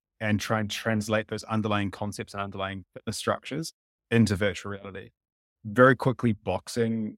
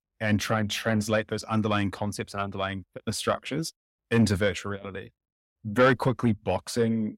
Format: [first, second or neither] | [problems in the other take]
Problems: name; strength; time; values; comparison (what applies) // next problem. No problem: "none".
first | distortion; slight; 10 dB below the speech